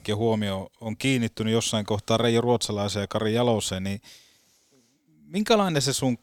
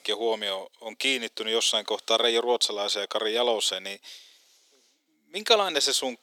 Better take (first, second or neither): first